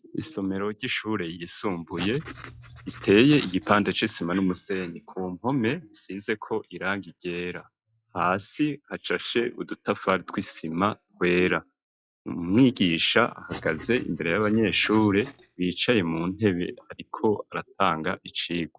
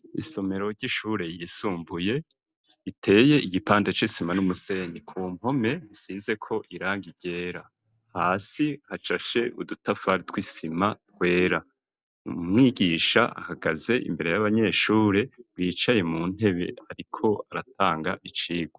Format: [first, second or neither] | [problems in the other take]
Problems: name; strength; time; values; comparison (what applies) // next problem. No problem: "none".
second | noise reduction (classical method log-MMSE)